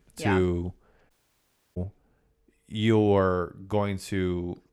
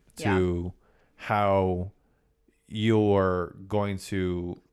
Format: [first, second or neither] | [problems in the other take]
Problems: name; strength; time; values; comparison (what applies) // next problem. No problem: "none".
second | audio cutting out; at 1 s for 0.5 s